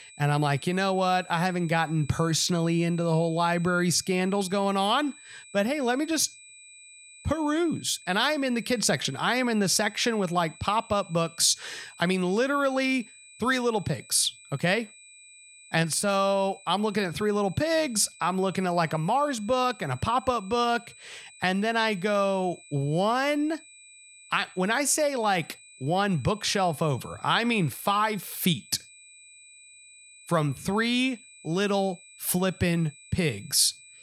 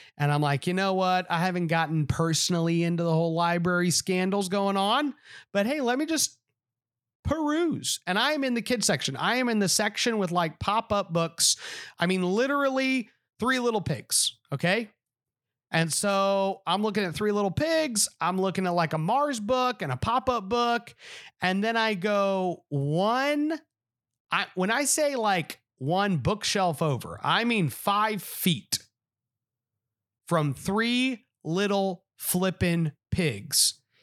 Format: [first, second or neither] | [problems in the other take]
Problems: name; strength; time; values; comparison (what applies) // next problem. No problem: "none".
second | high-pitched whine; faint; throughout; 2.5 kHz, 20 dB below the speech